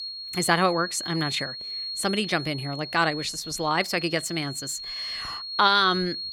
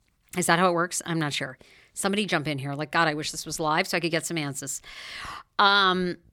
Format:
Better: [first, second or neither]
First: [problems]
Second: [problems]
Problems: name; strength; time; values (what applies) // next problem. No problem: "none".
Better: second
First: high-pitched whine; loud; throughout; 4.5 kHz, 7 dB below the speech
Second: none